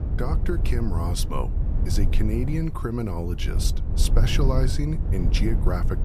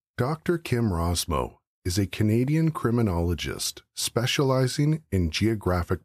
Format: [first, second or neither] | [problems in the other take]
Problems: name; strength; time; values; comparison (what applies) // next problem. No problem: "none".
second | low rumble; loud; throughout; 8 dB below the speech